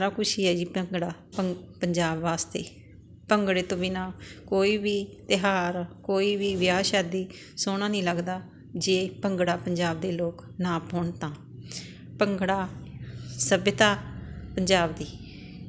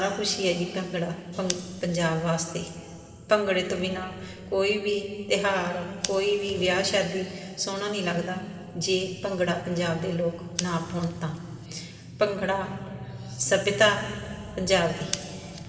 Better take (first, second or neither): first